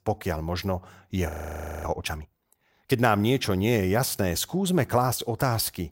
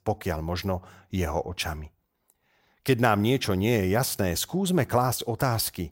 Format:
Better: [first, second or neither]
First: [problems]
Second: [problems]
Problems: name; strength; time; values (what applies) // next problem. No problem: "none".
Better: second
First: audio freezing; at 1.5 s for 0.5 s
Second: none